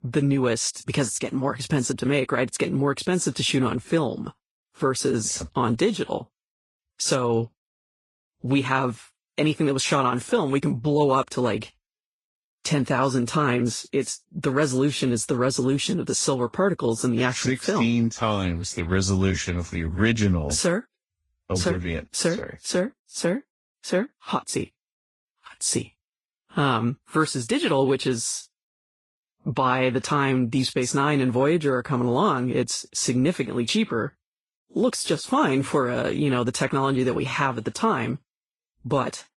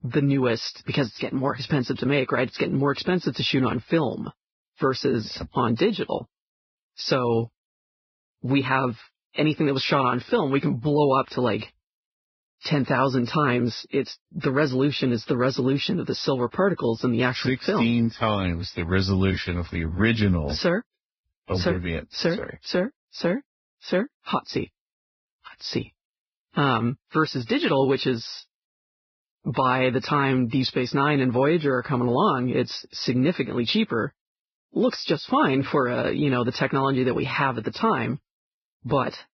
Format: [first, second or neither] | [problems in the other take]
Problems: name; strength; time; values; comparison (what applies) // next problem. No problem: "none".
first | garbled, watery; badly; nothing above 5.5 kHz; slightly in the first